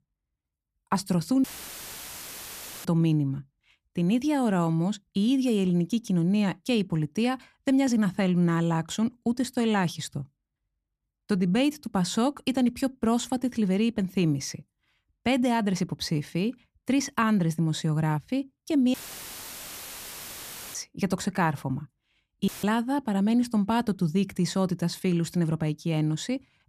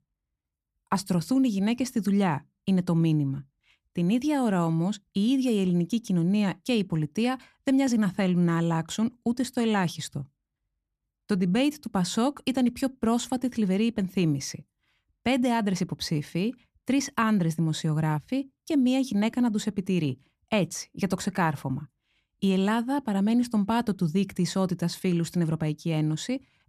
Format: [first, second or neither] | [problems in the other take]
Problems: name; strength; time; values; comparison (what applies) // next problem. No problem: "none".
second | audio cutting out; filled with static; at 1.5 s for 1.5 s, at 19 s for 2 s and at 22 s